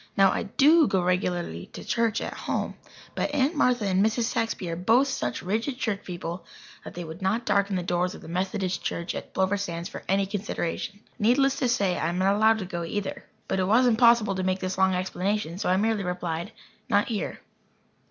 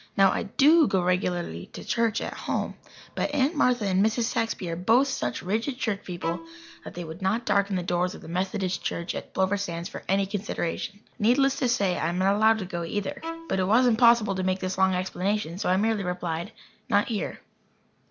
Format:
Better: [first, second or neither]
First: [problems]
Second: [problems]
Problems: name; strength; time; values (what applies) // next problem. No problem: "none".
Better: first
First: none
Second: background sound (Bowed string instrument); 16 dB below the speech